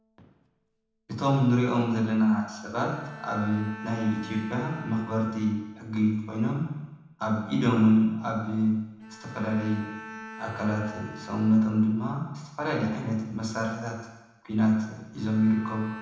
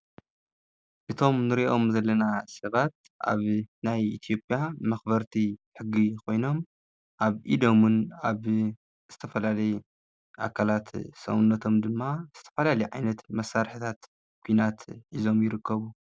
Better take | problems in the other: second | background sound (Bowed string instrument); 19 dB below the speech // room echo; dies away in 1 s

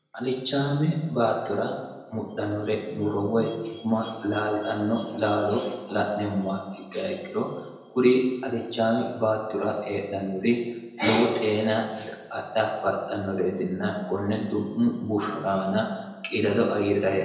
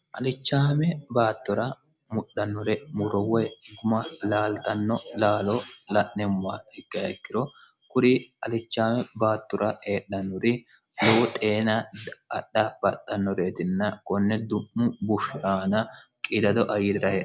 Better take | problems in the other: second | room echo; dies away in 1 s

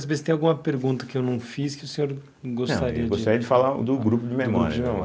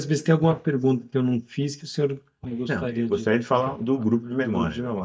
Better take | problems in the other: first | noise reduction (neural mask model DeepFilterNet 3)

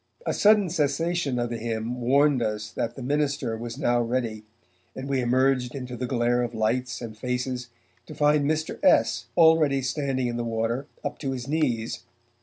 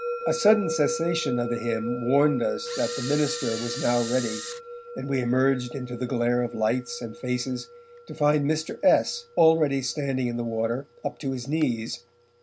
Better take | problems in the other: first | background sound (Musical instrument + Camera); 10 dB below the speech

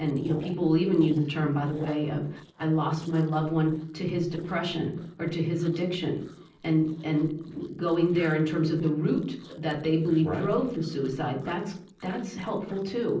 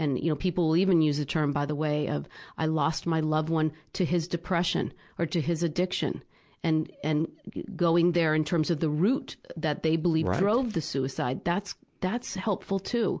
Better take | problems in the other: second | noise reduction (neural separator model SepFormer DNS4)

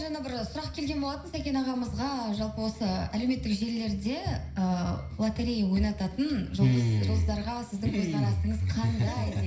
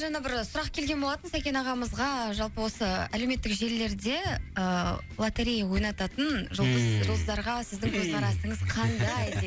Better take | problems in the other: second | room echo; dies away in 0.5 s

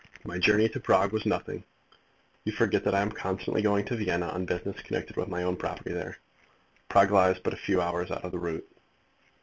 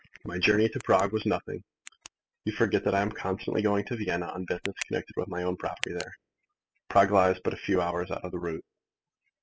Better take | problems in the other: first | noise reduction (classical method spectral subtraction)

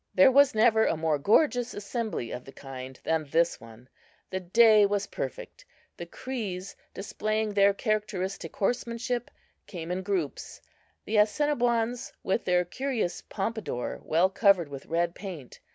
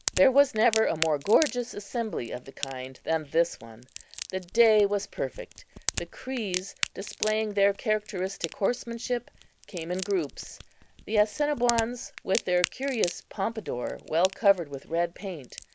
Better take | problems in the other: first | background sound (Crack); 12 dB below the speech

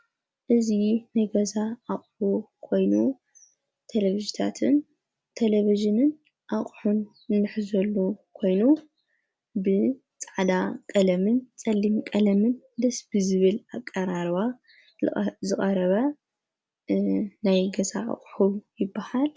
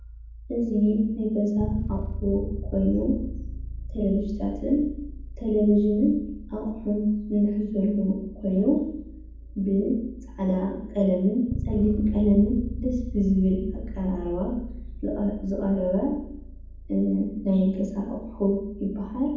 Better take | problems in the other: first | background sound (Bass guitar); 10 dB below the speech // room echo; dies away in 1.2 s

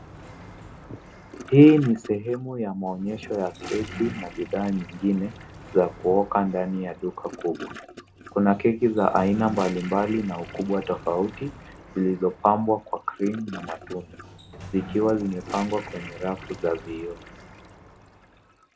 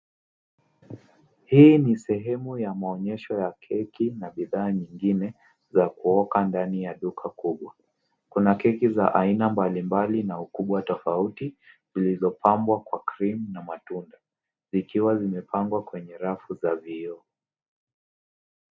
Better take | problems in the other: second | background sound (Sliding door + Toilet flush / Gurgling); 16 dB below the speech

